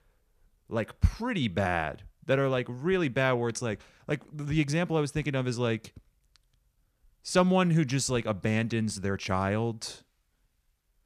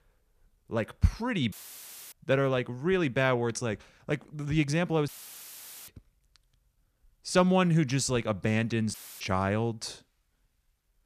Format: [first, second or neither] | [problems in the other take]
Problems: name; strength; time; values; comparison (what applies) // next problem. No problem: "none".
first | audio cutting out; filled with static; at 1.5 s for 0.5 s, at 5 s for 1 s and at 9 s